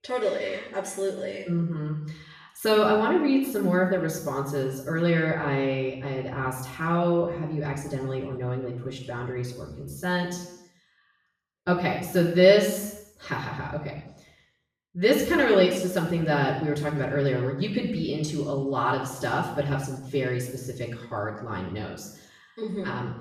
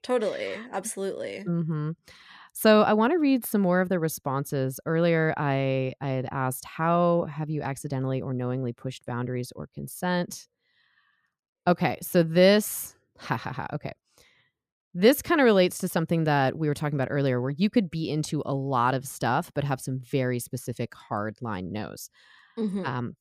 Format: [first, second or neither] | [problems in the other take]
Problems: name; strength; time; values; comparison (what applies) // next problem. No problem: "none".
second | room echo; noticeable; dies away in 0.7 s // off-mic speech; far